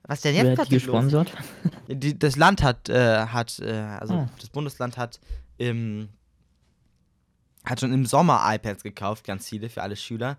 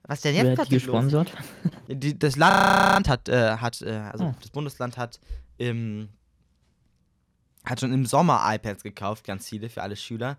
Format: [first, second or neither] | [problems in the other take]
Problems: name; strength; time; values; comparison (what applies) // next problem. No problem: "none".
first | audio freezing; at 2.5 s